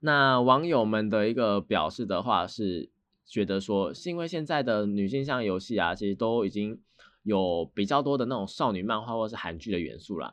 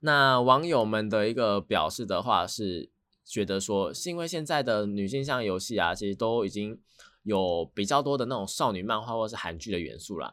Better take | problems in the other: second | muffled; very slightly; fading above 3 kHz

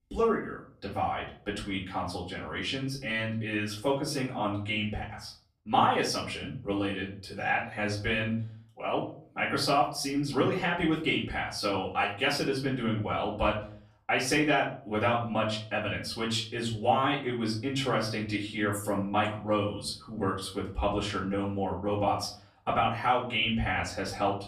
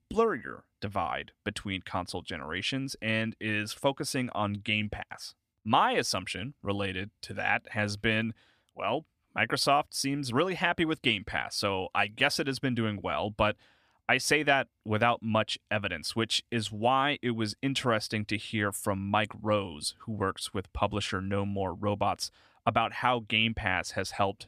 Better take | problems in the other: second | off-mic speech; far // room echo; slight; dies away in 0.4 s

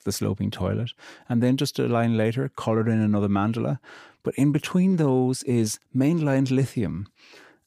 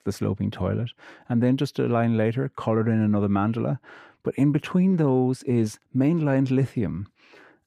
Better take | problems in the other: first | muffled; slightly; fading above 3.5 kHz

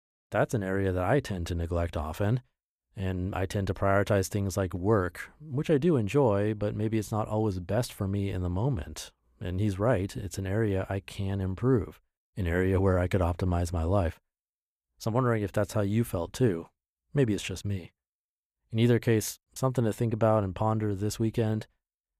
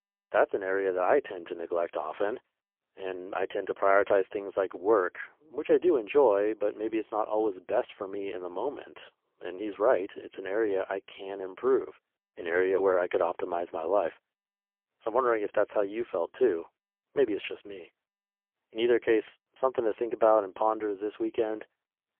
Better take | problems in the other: first | phone-call audio; poor line; nothing above 3.5 kHz

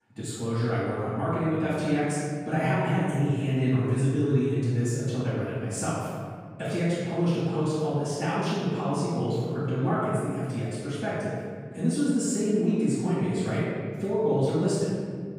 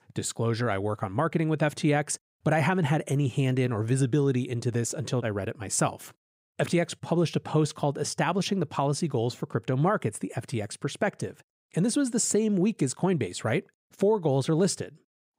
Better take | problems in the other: second | off-mic speech; far // room echo; strong; dies away in 2.1 s

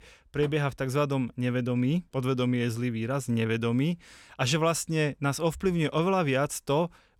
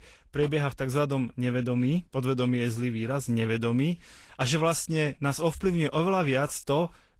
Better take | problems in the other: first | garbled, watery; slightly; nothing above 15.5 kHz

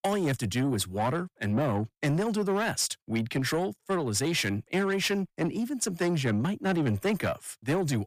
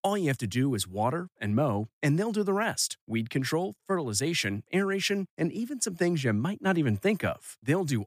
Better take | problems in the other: second | distortion; slight; 10 dB below the speech

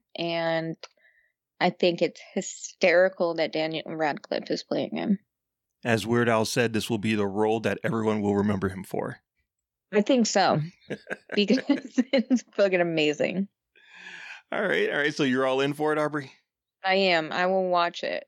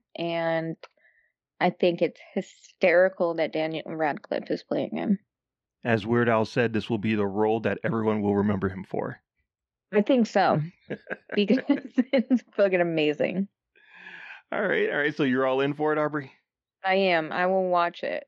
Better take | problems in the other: first | muffled; slightly; fading above 2.5 kHz

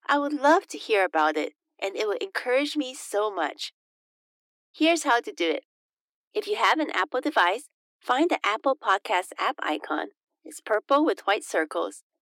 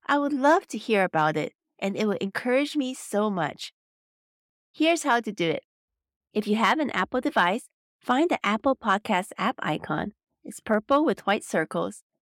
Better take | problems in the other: second | thin; somewhat; fading below 300 Hz

